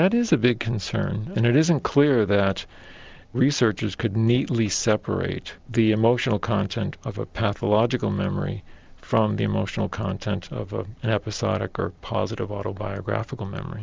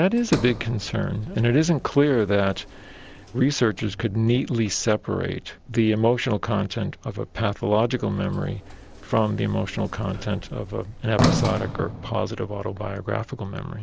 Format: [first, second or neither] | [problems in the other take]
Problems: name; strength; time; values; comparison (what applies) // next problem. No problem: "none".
first | background sound (Sliding door); 10 dB below the speech